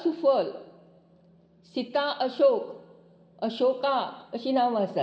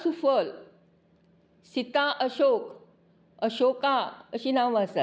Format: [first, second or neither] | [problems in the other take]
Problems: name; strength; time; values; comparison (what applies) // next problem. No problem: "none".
second | room echo; dies away in 1.4 s